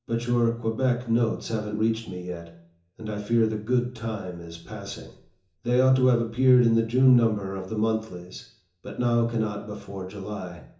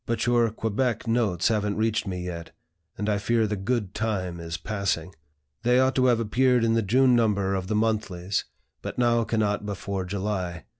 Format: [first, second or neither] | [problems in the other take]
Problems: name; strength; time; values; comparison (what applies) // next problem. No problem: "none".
second | room echo; dies away in 0.7 s